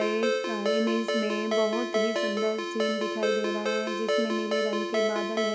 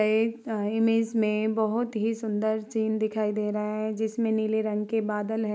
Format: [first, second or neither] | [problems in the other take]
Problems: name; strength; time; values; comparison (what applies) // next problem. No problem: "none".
second | background sound (Ringtone); 3 dB above the speech